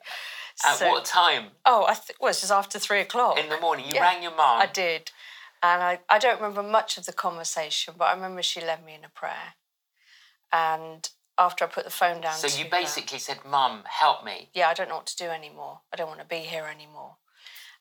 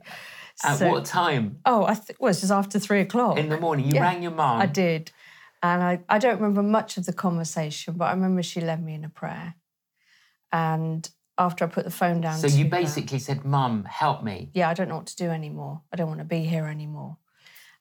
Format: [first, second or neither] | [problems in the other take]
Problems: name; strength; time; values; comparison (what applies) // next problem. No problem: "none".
second | thin; very; fading below 750 Hz